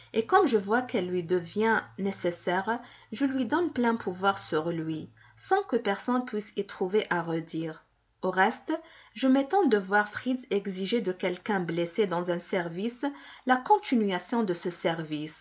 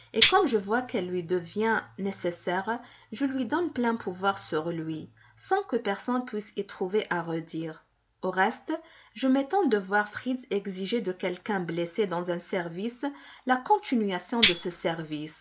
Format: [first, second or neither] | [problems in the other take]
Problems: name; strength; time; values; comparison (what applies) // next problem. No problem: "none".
first | background sound (Tambourine); as loud as the speech